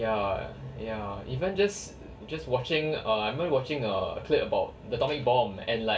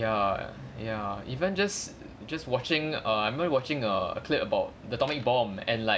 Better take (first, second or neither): second